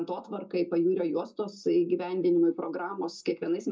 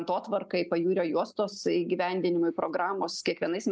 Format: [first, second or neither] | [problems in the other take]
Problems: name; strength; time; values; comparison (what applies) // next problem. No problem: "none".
second | room echo; dies away in 0.2 s